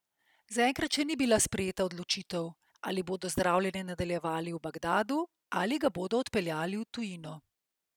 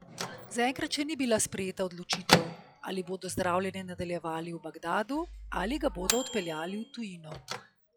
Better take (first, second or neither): first